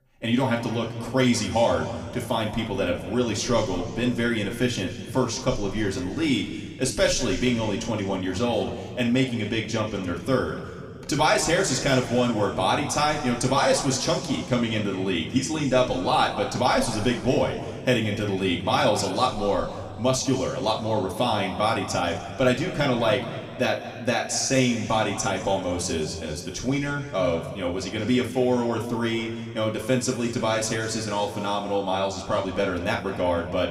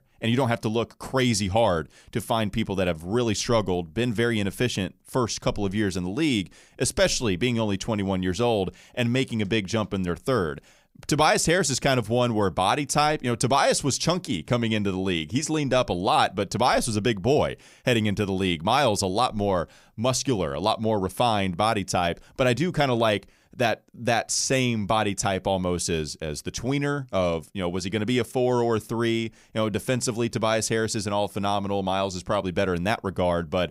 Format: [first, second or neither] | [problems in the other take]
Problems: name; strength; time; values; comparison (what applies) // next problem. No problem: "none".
second | room echo; slight; dies away in 2.1 s // off-mic speech; somewhat distant